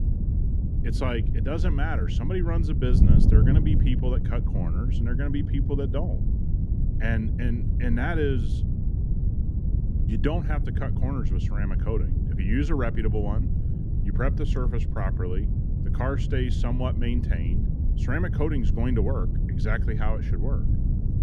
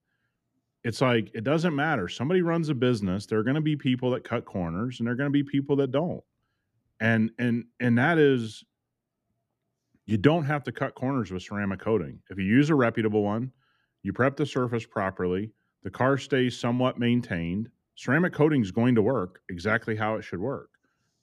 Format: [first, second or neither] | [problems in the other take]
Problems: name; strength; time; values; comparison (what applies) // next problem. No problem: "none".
second | wind noise on the microphone; heavy; 6 dB below the speech